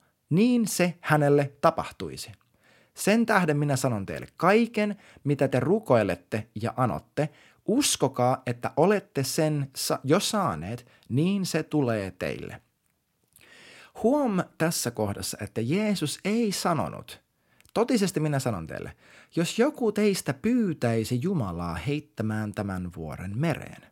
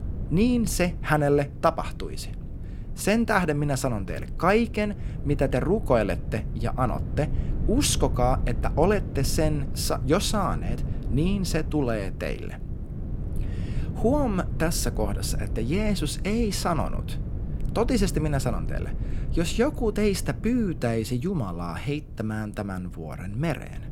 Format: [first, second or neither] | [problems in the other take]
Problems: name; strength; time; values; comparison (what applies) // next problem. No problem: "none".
first | low rumble; noticeable; throughout; 15 dB below the speech